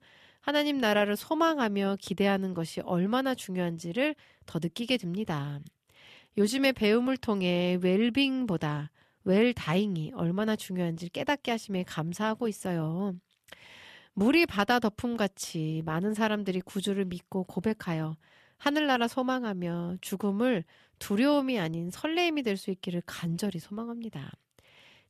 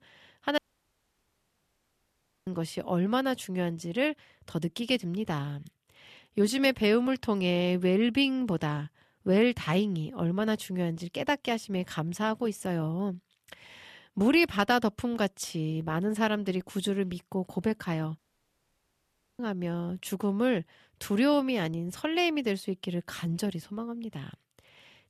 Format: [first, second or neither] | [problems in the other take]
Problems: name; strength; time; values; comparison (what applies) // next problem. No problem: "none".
first | audio cutting out; at 0.5 s for 2 s and at 18 s for 1 s